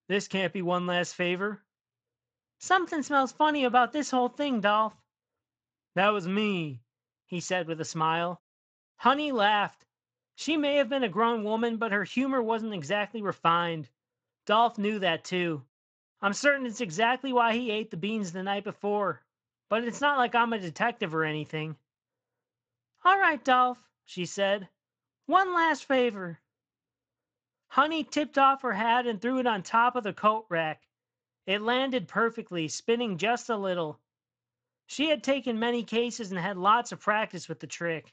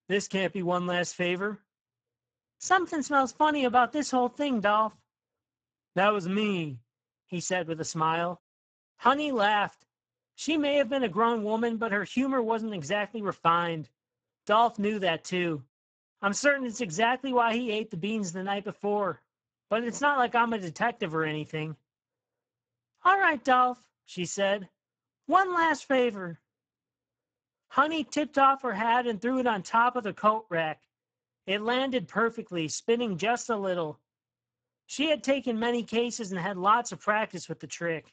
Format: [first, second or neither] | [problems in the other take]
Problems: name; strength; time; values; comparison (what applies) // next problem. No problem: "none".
first | garbled, watery; badly; nothing above 7.5 kHz; slightly in the first